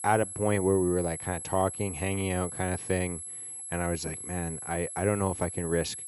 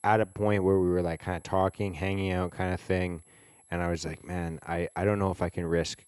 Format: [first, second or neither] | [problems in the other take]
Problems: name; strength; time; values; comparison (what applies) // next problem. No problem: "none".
second | high-pitched whine; loud; throughout; 11 kHz, 7 dB below the speech; faint in the second